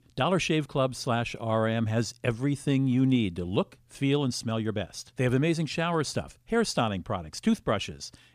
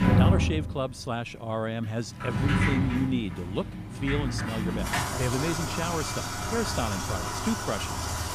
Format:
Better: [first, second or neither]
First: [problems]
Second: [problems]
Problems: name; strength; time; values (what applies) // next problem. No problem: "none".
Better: first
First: none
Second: household noises; very loud; throughout; 3 dB above the speech